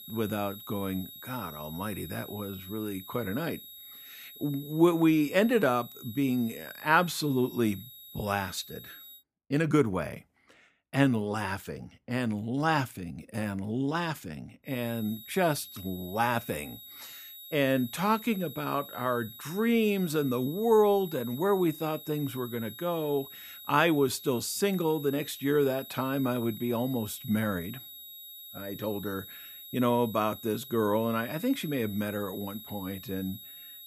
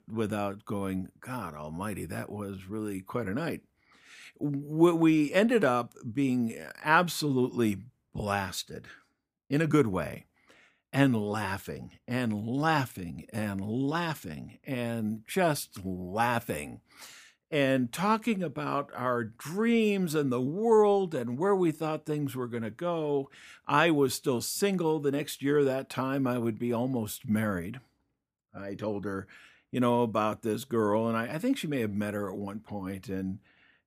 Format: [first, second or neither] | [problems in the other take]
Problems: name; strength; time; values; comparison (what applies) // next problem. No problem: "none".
second | high-pitched whine; noticeable; until 9 s and from 15 s on; 4 kHz, 15 dB below the speech